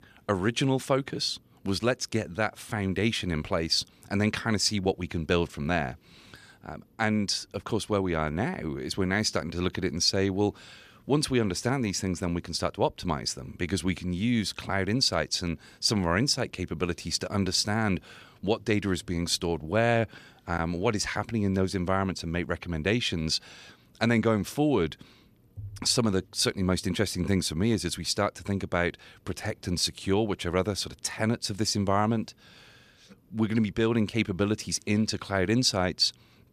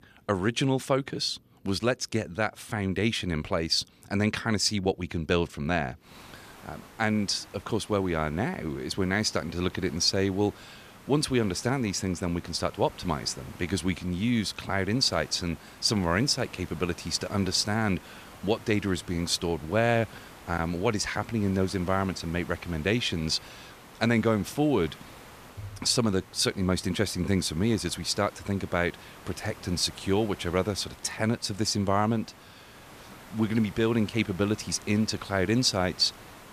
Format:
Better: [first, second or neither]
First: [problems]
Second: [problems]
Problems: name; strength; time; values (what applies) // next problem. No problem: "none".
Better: first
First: none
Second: hiss; faint; from 6 s on; 20 dB below the speech